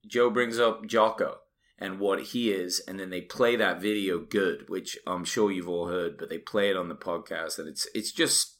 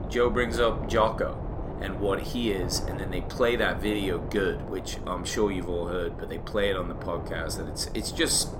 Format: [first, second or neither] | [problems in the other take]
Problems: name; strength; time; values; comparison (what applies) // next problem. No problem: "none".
first | wind noise on the microphone; occasional gusts; 10 dB below the speech